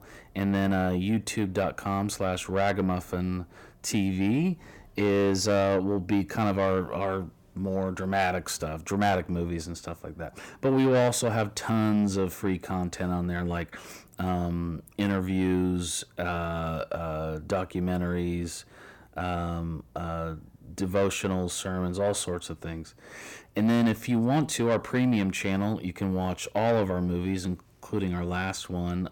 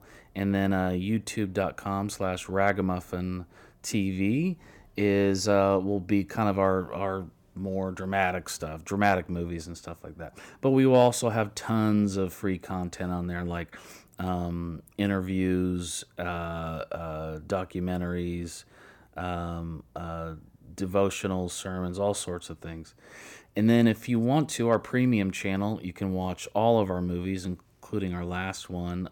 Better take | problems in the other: second | distortion; slight; 10 dB below the speech

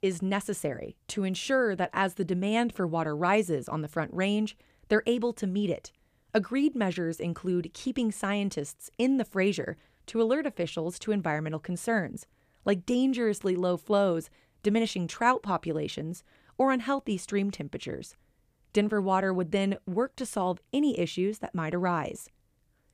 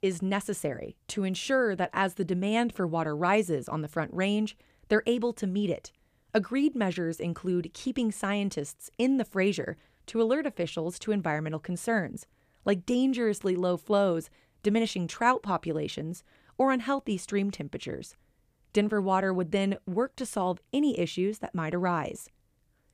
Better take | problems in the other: neither | none

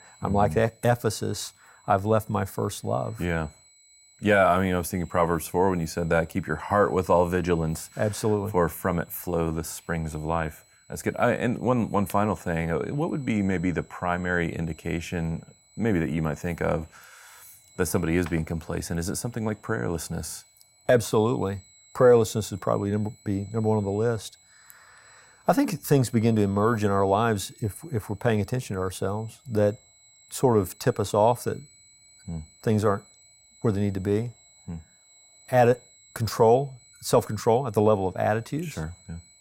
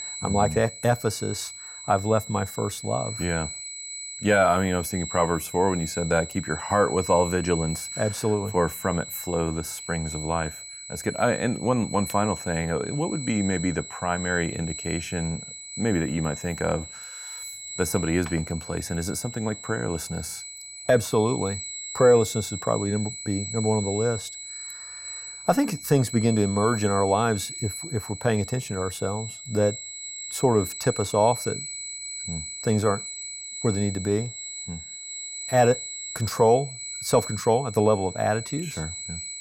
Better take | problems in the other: first | high-pitched whine; loud; throughout; 8 kHz, 9 dB below the speech; faint in the first

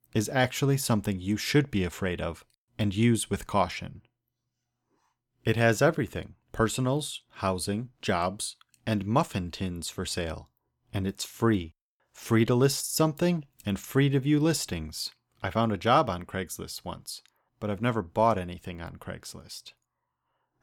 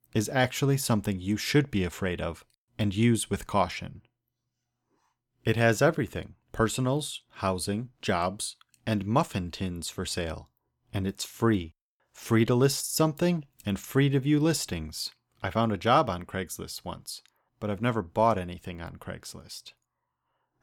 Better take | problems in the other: neither | none

